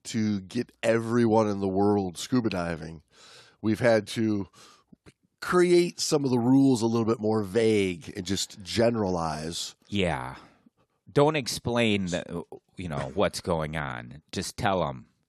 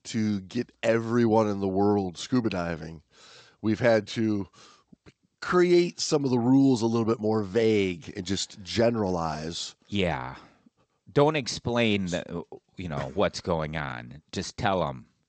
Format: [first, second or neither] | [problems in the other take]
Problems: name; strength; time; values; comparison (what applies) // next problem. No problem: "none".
first | garbled, watery; slightly; nothing above 8 kHz